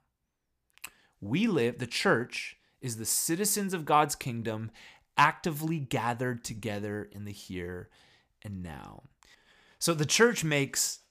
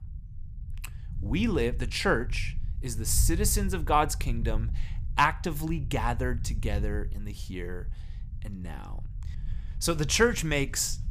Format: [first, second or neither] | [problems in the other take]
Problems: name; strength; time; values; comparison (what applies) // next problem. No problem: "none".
first | low rumble; faint; throughout; 25 dB below the speech